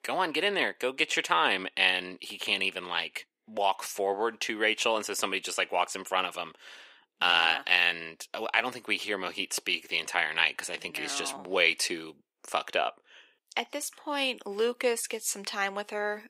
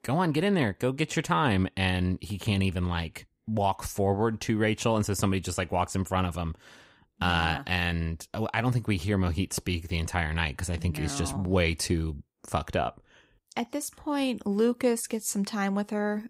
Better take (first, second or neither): second